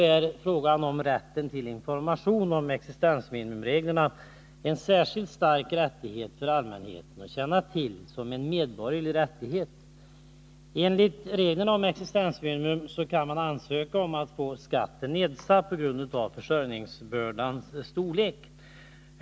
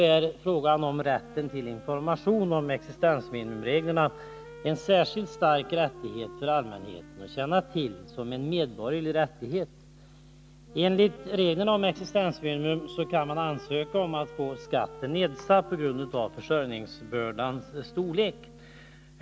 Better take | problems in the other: first | background sound (Wind instrument, woodwind instrument); 19 dB below the speech

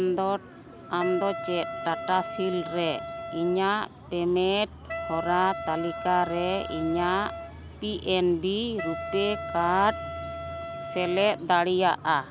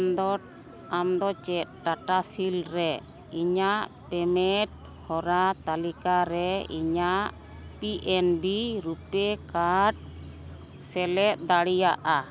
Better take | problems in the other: second | background sound (Wind instrument, woodwind instrument); 9 dB below the speech

